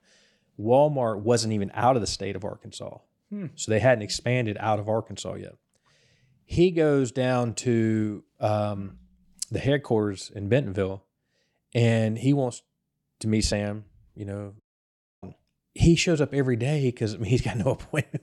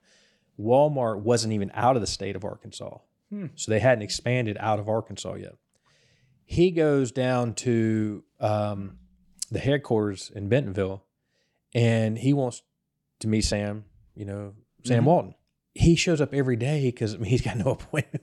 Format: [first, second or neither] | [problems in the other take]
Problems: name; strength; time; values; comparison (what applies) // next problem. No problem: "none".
second | audio cutting out; at 15 s for 0.5 s